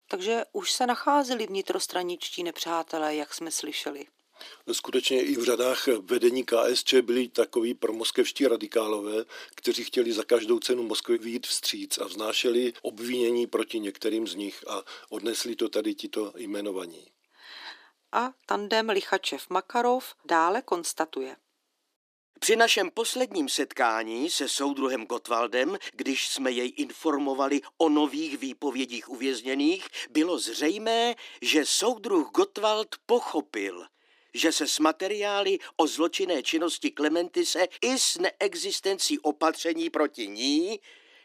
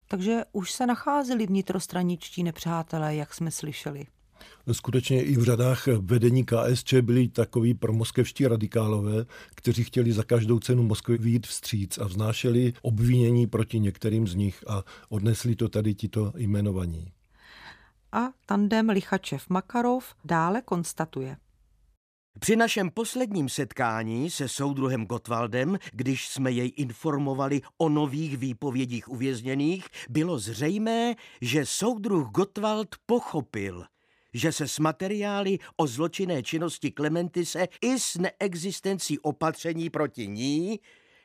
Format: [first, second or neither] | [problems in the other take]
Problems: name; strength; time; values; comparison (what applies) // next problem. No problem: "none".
second | thin; somewhat; fading below 300 Hz